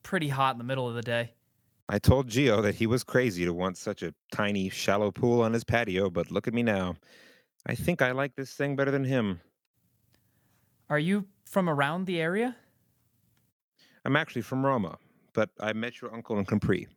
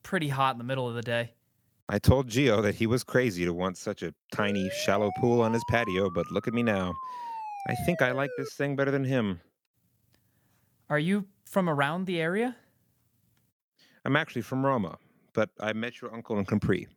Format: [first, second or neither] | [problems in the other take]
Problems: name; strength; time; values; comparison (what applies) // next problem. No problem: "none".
first | siren; noticeable; from 4.5 to 8.5 s; peak 9 dB below the speech